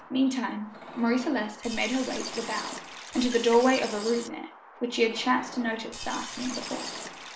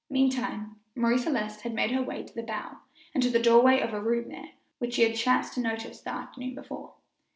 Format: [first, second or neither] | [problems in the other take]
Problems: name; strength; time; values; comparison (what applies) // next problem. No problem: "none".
second | background sound (Liquid); 11 dB below the speech